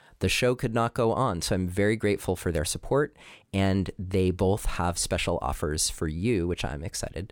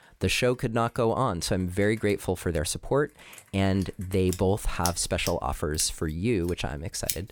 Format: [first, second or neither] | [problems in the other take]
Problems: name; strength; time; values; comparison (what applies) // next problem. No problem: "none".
first | household noises; noticeable; throughout; 10 dB below the speech